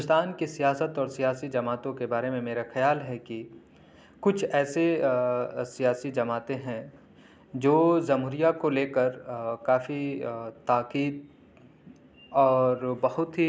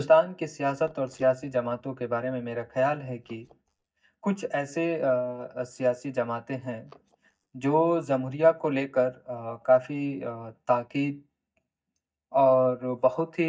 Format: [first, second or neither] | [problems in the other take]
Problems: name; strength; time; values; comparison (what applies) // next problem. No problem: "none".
first | noise reduction (neural mask model DeepFilterNet 3)